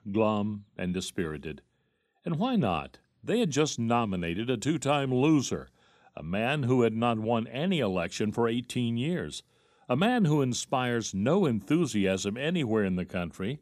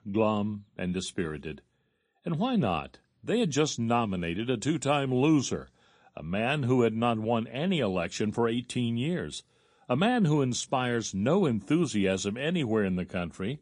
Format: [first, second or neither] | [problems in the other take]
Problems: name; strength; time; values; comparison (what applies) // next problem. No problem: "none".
first | garbled, watery; slightly; nothing above 10 kHz